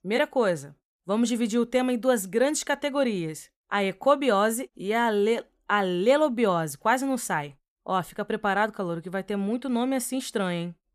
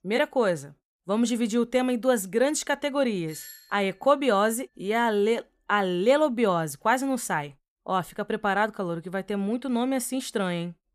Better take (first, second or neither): first